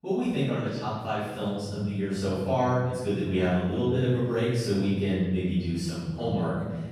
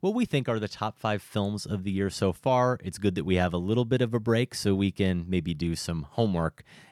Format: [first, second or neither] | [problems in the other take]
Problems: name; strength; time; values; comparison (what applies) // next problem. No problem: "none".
second | off-mic speech; far // room echo; strong; dies away in 1.3 s